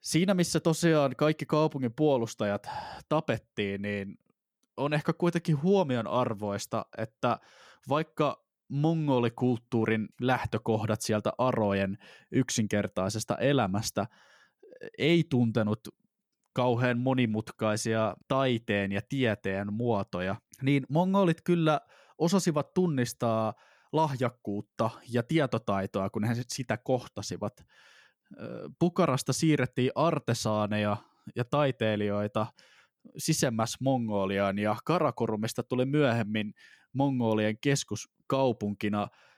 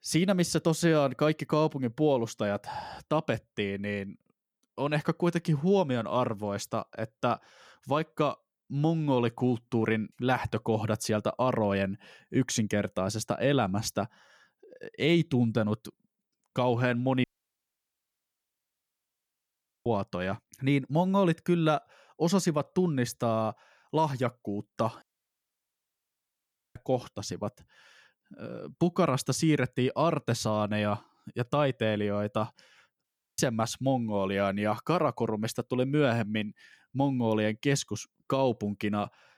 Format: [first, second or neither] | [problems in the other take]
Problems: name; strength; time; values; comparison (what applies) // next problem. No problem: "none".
first | audio cutting out; at 17 s for 2.5 s, at 25 s for 1.5 s and at 33 s